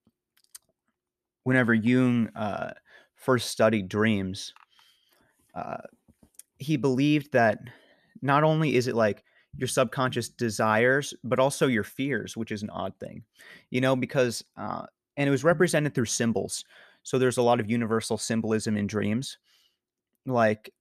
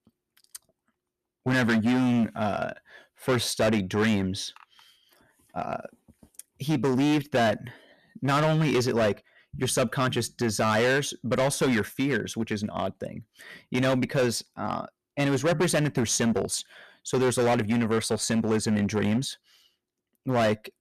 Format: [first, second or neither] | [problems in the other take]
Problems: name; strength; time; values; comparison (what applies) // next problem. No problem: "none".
first | distortion; heavy; 11% of the sound clipped